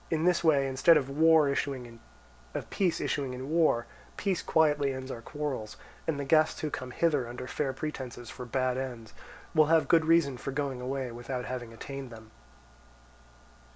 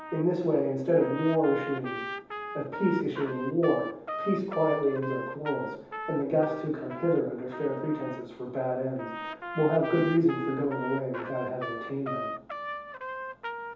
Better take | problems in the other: first | background sound (Trumpet); 9 dB below the speech // room echo; dies away in 0.9 s

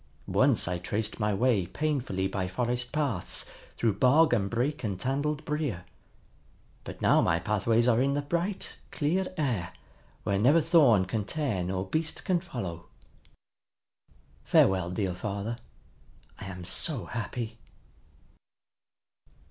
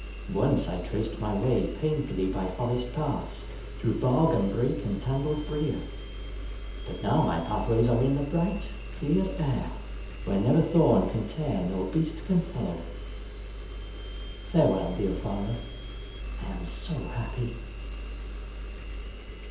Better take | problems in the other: first | background sound (Engine); 8 dB below the speech // room echo; dies away in 0.8 s

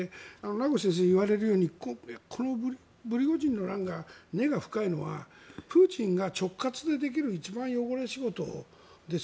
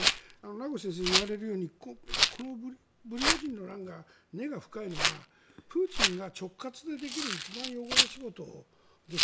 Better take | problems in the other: first | background sound (Rattle); 5 dB above the speech

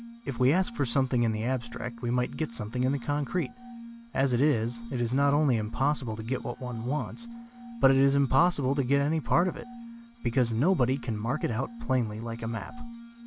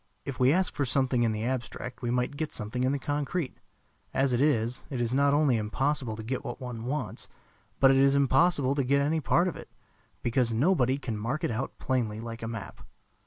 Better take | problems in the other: second | background sound (Glass); 15 dB below the speech

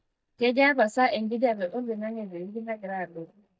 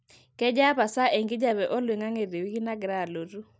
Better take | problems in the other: second | noise reduction (neural mask model DeepFilterNet 3)

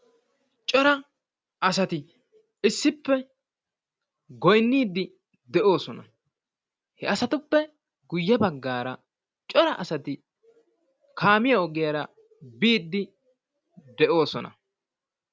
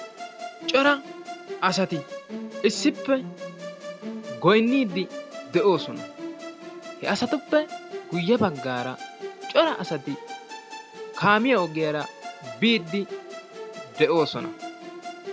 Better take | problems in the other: first | background sound (Musical instrument); 12 dB below the speech

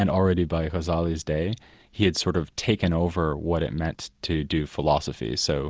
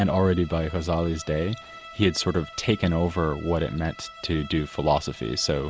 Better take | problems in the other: first | background sound (Bowed string instrument); 19 dB below the speech

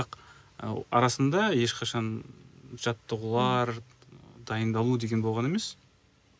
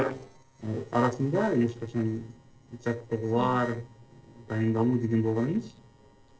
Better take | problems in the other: first | noise reduction (neural separator model SepFormer DNS4)

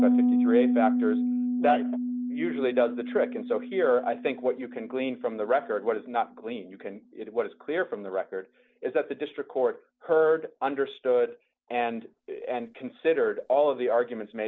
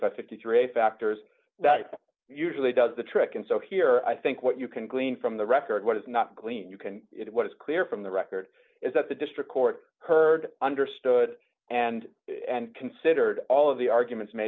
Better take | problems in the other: second | background sound (Piano); 4 dB below the speech

